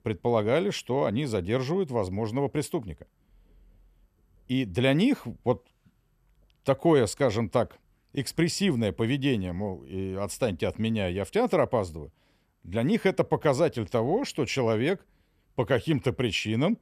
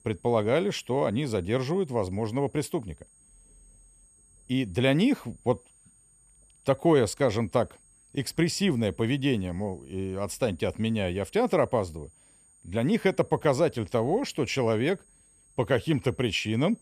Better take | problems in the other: first | high-pitched whine; faint; throughout; 8.5 kHz, 30 dB below the speech

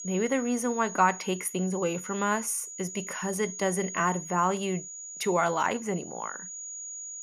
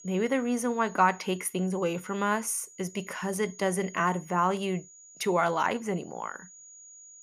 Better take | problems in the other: second | high-pitched whine; loud; throughout; 7 kHz, 10 dB below the speech; faint in the second

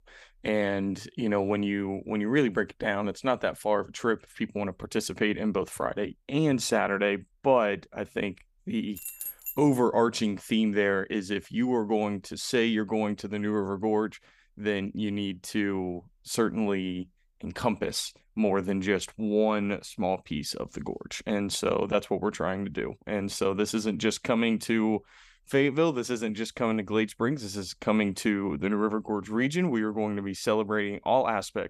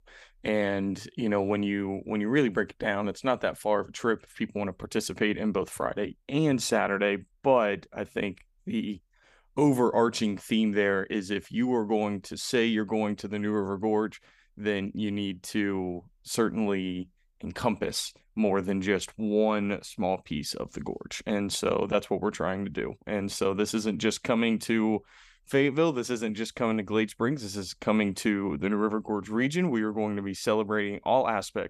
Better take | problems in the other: second | jangling keys; noticeable; at 9 s; peak 7 dB below the speech

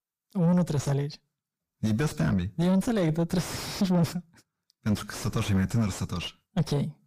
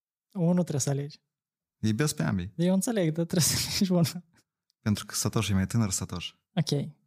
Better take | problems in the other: second | distortion; heavy; 5 dB below the speech

